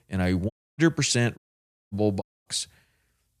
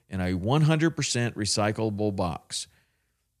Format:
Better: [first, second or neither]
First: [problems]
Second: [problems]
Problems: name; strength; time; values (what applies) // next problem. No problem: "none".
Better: second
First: audio cutting out; at 0.5 s, at 1.5 s for 0.5 s and at 2 s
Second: none